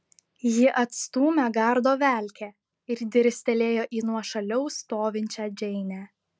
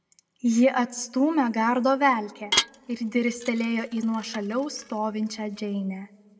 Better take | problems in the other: first | background sound (Dishes, pots, and pans / Glass); 8 dB below the speech // room echo; dies away in 1.5 s

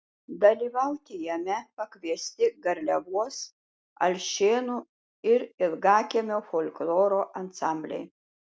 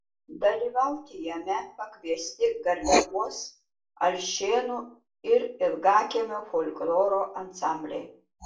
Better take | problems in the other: first | background sound (Writing); 10 dB below the speech // room echo; dies away in 0.3 s

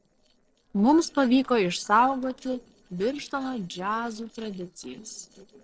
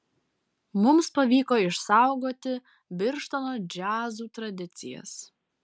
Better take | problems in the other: second | noise reduction (neural separator model SepFormer DNS4)

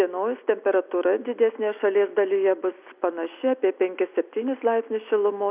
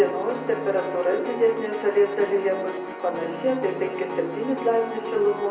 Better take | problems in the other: first | background sound (Piano); 9 dB below the speech // room echo; dies away in 0.7 s

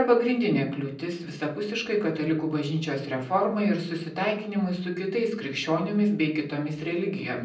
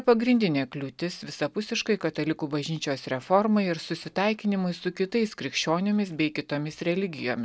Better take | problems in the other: second | room echo; dies away in 0.6 s

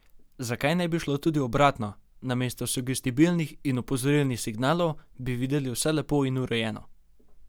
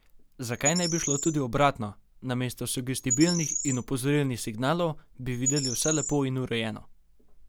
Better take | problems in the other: first | background sound (Bird); 6 dB below the speech

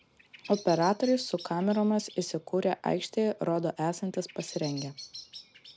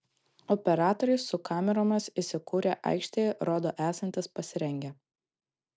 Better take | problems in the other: second | background sound (Bird vocalization, bird call, bird song); 19 dB below the speech

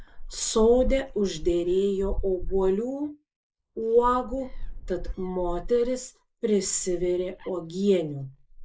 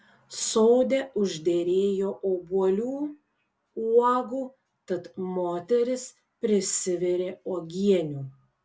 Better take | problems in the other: second | noise reduction (neural mask model Resemble Enhance denoiser)

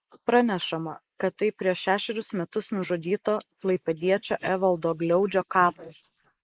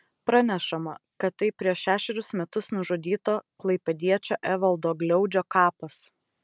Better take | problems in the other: second | noise reduction (neural mask model Resemble Enhance denoiser)

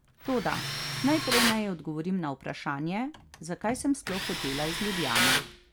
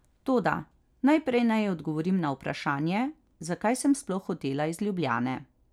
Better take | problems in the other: second | background sound (Tools); 2 dB below the speech

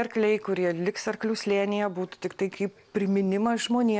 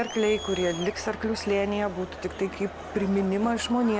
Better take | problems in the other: first | background sound (Crowd); 11 dB below the speech

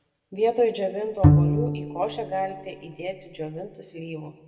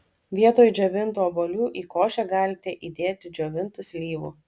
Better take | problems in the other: second | background sound (Bowed string instrument); 5 dB above the speech // room echo; dies away in 1.4 s

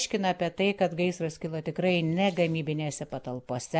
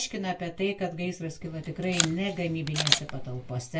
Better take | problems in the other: first | background sound (Camera); 1 dB below the speech // room echo; dies away in 0.1 s

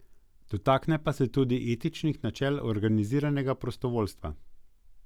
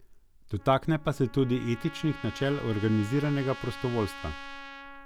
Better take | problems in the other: first | background sound (Trumpet); 15 dB below the speech

